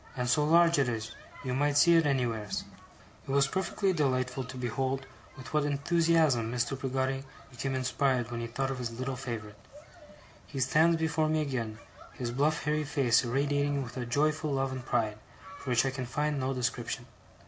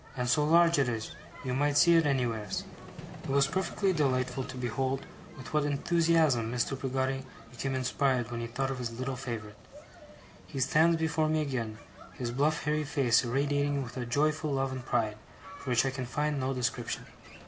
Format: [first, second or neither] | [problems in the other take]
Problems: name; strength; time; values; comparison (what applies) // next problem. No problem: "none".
first | background sound (Vehicle); 20 dB below the speech